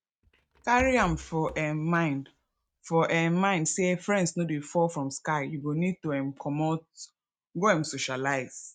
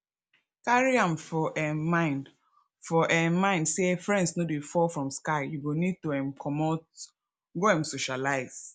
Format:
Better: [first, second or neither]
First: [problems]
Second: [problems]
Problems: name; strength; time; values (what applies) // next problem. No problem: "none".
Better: second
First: noise reduction (neural mask model RNNoise)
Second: none